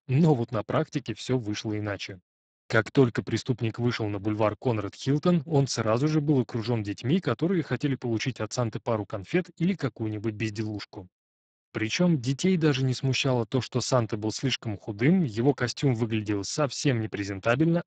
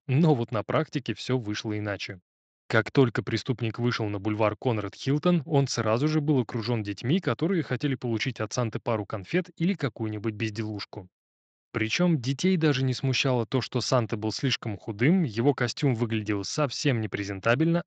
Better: second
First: garbled, watery; badly; nothing above 7.5 kHz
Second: garbled, watery; slightly

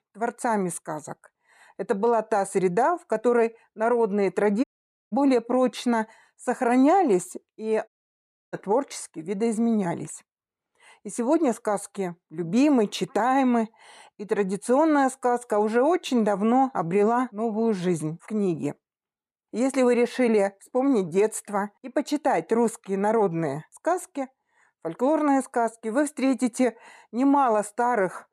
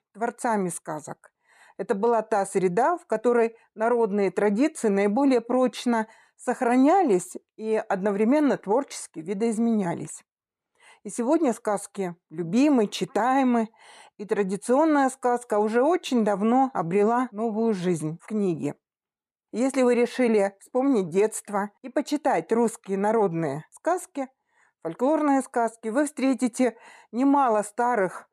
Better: second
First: audio cutting out; at 4.5 s and at 8 s for 0.5 s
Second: none

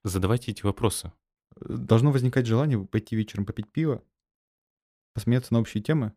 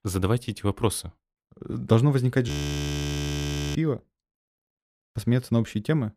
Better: first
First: none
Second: audio freezing; at 2.5 s for 1.5 s

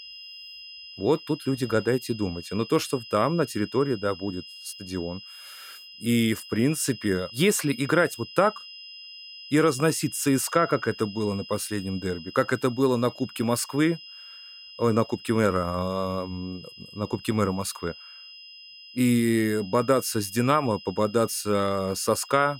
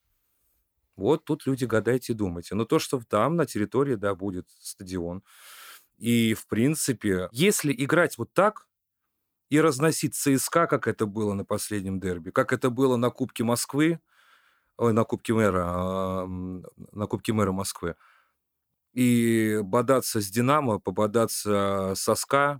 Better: second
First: high-pitched whine; noticeable; throughout; 5 kHz, 15 dB below the speech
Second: none

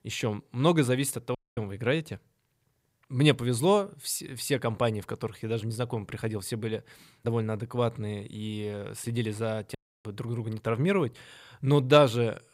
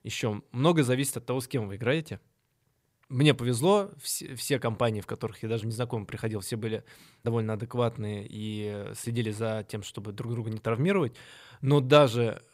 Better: second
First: audio cutting out; at 1.5 s and at 10 s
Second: none

